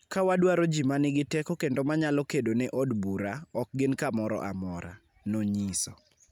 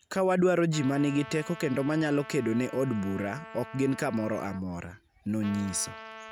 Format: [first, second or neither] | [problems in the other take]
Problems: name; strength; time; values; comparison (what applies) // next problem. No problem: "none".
first | background sound (Trumpet); 17 dB below the speech